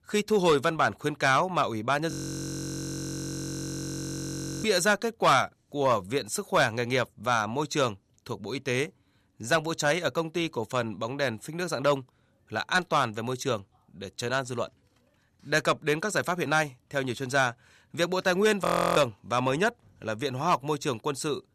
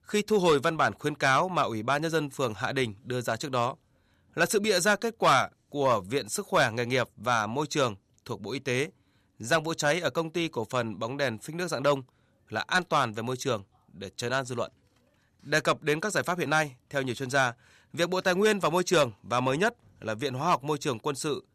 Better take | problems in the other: second | audio freezing; at 2 s for 2.5 s and at 19 s

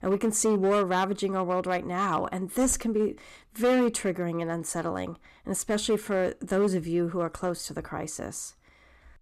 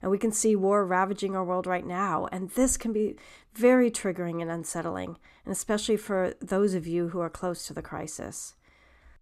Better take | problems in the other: second | distortion; slight; 5% of the sound clipped

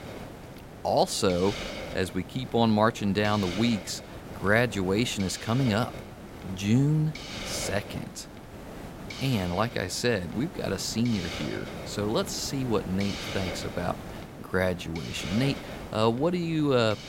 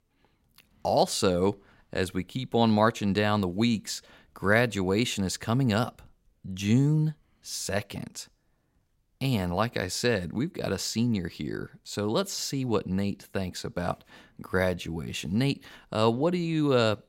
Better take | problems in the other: second | hiss; noticeable; throughout; 10 dB below the speech

